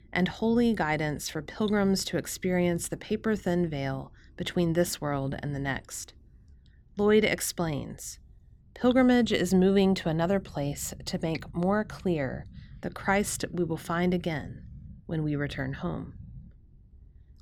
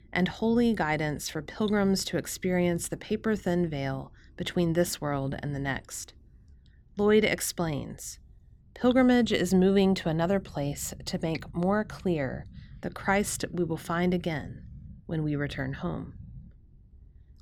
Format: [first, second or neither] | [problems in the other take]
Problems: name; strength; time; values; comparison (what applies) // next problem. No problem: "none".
neither | none